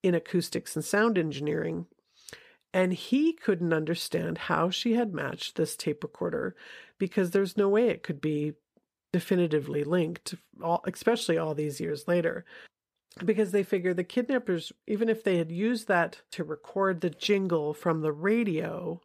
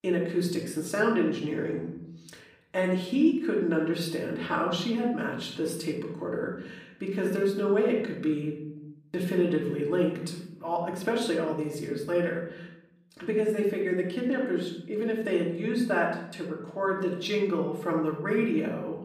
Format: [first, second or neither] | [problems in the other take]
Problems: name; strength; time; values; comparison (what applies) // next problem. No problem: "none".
first | off-mic speech; far // room echo; noticeable; dies away in 0.7 s